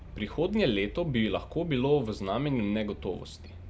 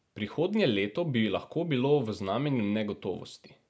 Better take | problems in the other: second | background sound (Traffic noise, roadway noise); 15 dB below the speech

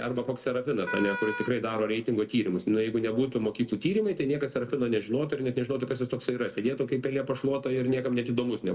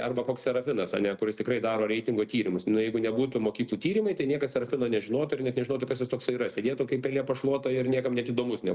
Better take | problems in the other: second | background sound (Wind instrument, woodwind instrument); 8 dB below the speech // room echo; dies away in 1.1 s

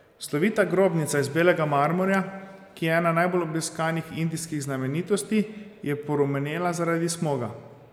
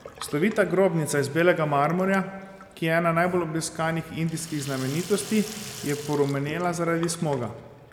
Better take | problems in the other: first | background sound (Sink (filling or washing)); 18 dB below the speech

